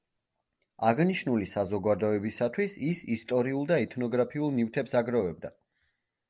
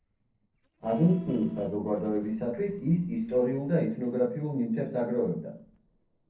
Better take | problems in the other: first | noise reduction (neural separator model SepFormer DNS4)

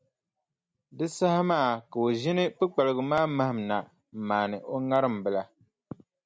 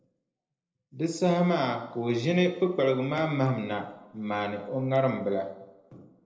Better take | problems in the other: first | noise reduction (neural separator model SepFormer DNS4)

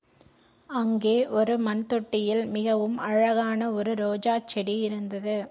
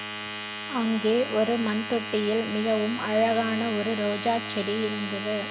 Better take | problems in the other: first | background sound (Domestic sounds, home sounds); 8 dB below the speech

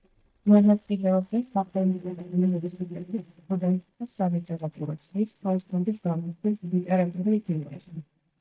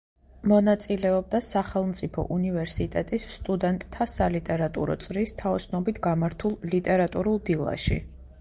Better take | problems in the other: second | noise reduction (neural mask model DeepFilterNet 3)

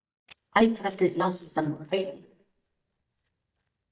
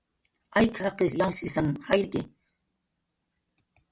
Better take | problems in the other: second | noise reduction (neural mask model DeepFilterNet 3)

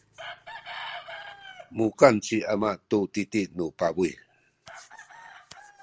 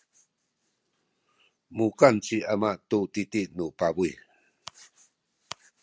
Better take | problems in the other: second | noise reduction (neural separator model SepFormer DNS4)

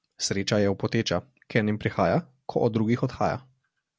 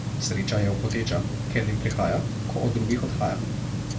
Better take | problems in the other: first | background sound (Tick-tock); as loud as the speech // room echo; dies away in 0.2 s

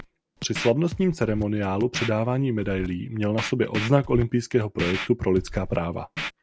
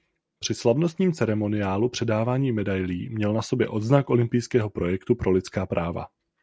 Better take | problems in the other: second | background sound (Scratching (performance technique)); 11 dB below the speech

